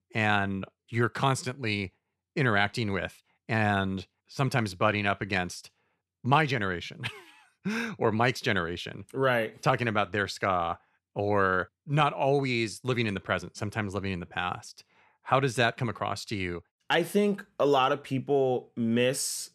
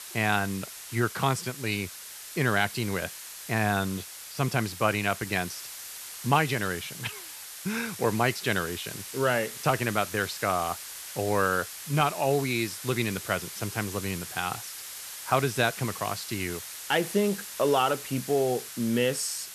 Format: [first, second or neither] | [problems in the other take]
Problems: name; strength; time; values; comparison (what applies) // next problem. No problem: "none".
first | hiss; loud; throughout; 10 dB below the speech